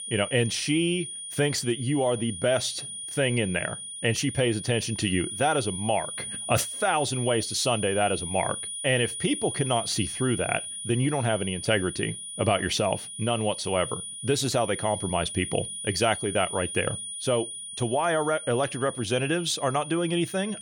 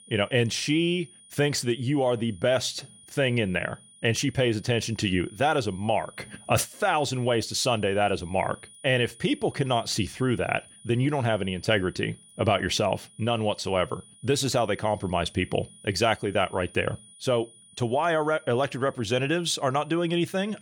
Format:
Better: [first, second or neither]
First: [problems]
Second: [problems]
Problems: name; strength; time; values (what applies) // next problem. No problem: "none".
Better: second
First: high-pitched whine; loud; throughout; 9.5 kHz, 7 dB below the speech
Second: high-pitched whine; faint; throughout; 9.5 kHz, 25 dB below the speech